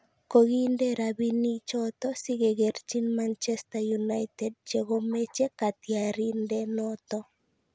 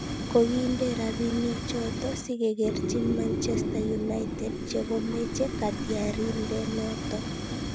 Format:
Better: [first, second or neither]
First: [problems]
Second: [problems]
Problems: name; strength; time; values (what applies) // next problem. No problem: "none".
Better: first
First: none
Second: background sound (Fire); 2 dB below the speech